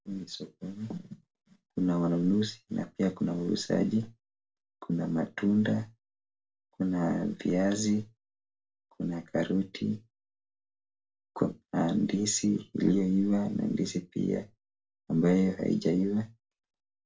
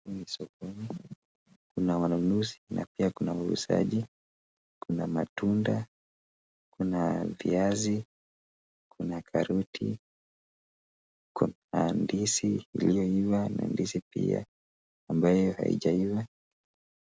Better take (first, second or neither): second